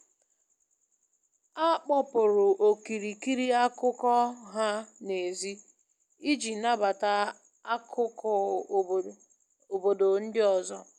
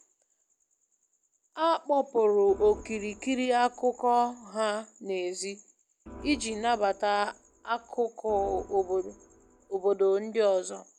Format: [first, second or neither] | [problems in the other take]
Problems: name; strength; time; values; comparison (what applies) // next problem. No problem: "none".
first | background sound (Organ); 20 dB below the speech